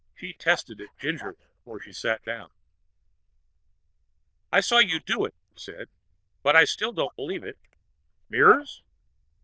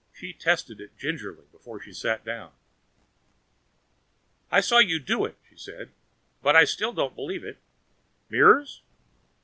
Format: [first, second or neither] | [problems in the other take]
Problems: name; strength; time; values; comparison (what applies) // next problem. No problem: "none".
second | noise reduction (neural diffusion model UNIVERSE++)